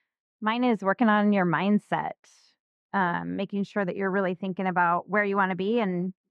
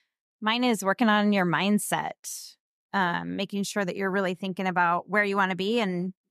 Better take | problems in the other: second | muffled; very; fading above 2 kHz

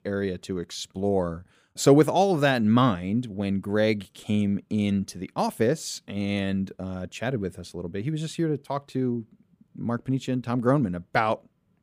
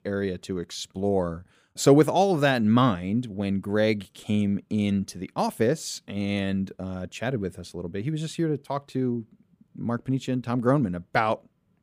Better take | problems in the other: neither | none

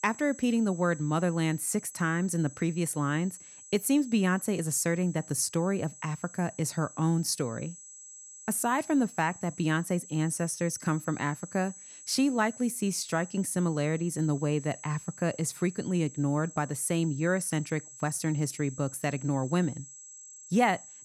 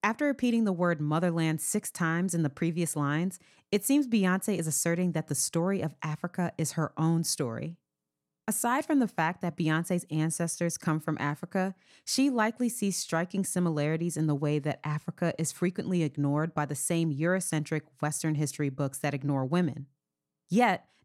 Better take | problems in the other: second | high-pitched whine; noticeable; throughout; 7.5 kHz, 15 dB below the speech

